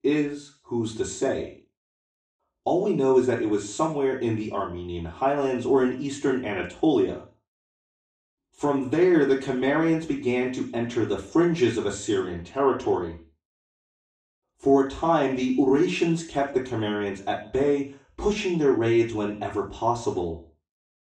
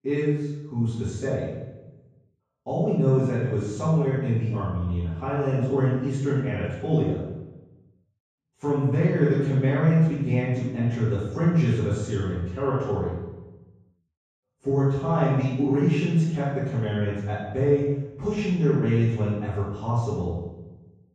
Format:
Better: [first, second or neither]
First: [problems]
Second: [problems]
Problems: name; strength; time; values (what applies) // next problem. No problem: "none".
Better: first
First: room echo; slight; dies away in 0.4 s // off-mic speech; far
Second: room echo; strong; dies away in 1.4 s // off-mic speech; far